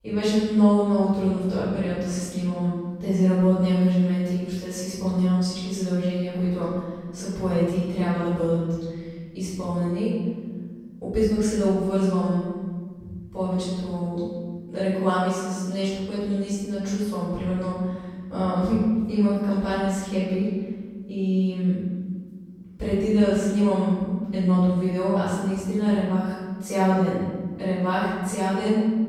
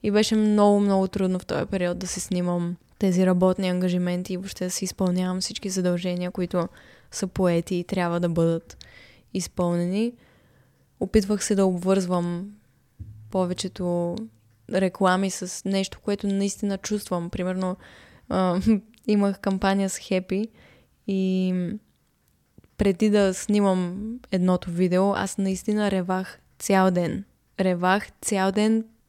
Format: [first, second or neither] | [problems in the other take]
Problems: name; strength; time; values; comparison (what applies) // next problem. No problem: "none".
second | off-mic speech; far // room echo; strong; dies away in 1.7 s